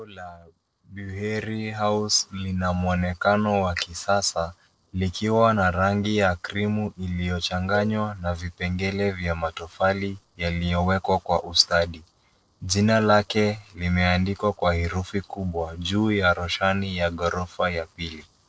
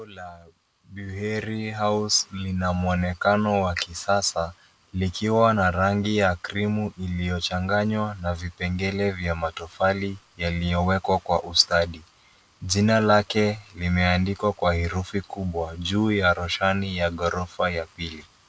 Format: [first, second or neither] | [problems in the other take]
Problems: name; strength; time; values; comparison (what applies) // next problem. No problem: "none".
second | noise reduction (neural separator model SepFormer DNS4)